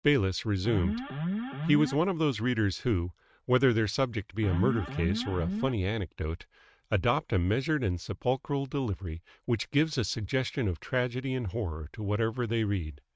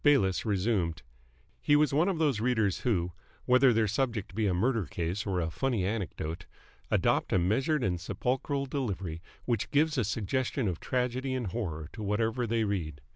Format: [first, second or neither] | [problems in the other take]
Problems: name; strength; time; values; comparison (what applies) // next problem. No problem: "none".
second | noise reduction (neural mask model RNNoise)